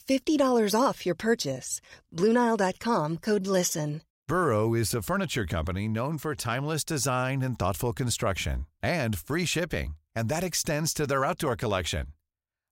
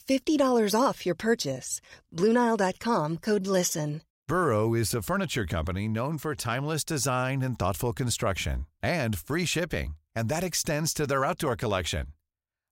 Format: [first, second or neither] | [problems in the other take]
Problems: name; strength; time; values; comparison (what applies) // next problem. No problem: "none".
neither | none